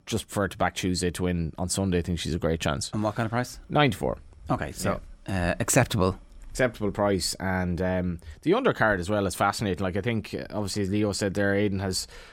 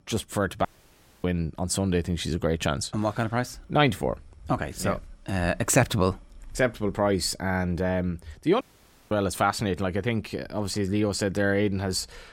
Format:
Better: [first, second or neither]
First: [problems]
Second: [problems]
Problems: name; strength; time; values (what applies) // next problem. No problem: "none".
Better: first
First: none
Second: audio cutting out; at 0.5 s for 0.5 s and at 8.5 s for 0.5 s